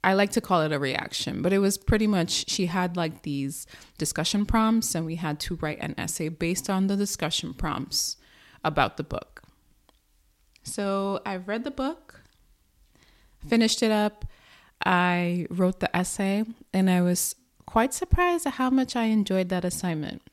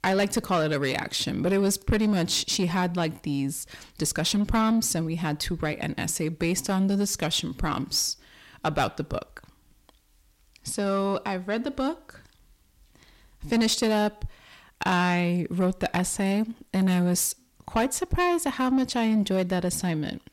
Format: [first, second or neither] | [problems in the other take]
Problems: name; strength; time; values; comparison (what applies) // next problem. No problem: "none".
first | distortion; slight; 10 dB below the speech